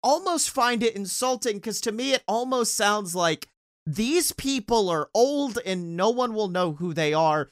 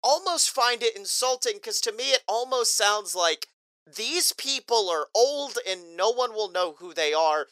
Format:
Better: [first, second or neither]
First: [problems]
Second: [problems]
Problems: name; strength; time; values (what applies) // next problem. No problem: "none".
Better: first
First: none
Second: thin; very; fading below 450 Hz